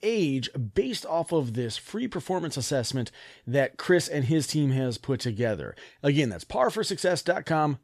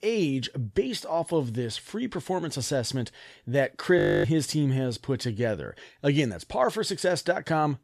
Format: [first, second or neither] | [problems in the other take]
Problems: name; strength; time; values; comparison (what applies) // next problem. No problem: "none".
first | audio freezing; at 4 s